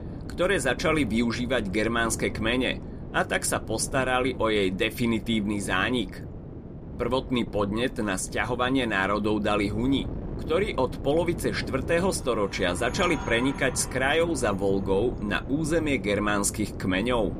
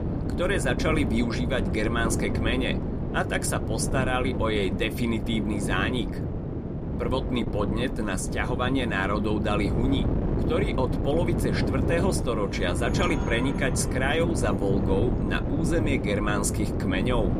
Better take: first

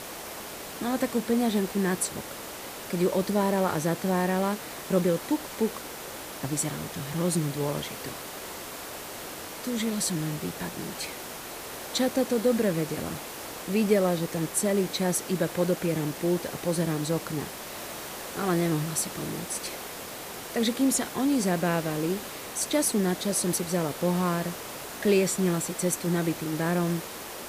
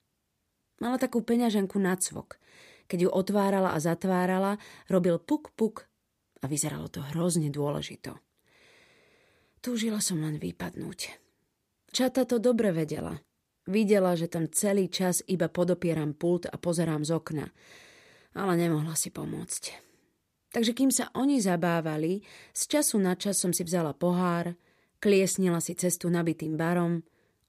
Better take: second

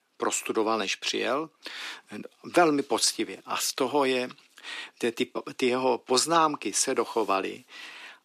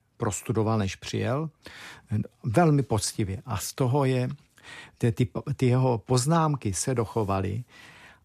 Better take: second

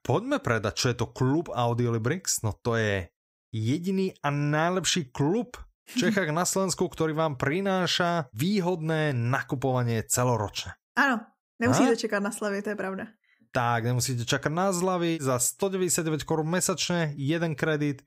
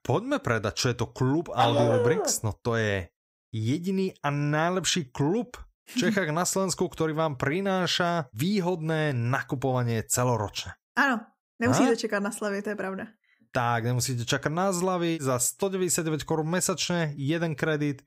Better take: first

